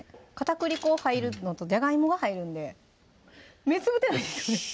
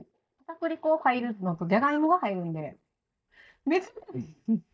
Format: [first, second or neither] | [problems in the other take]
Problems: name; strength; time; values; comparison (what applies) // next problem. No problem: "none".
first | noise reduction (neural mask model DeepFilterNet 3)